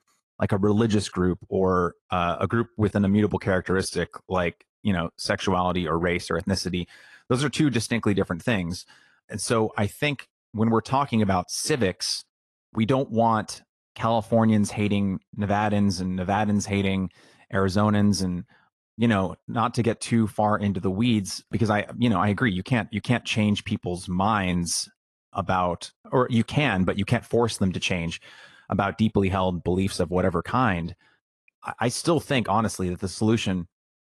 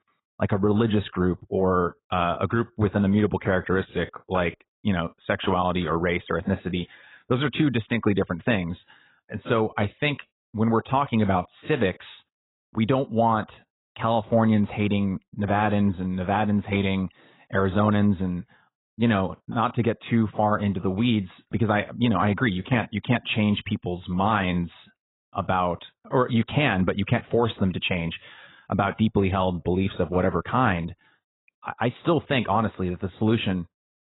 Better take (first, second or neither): first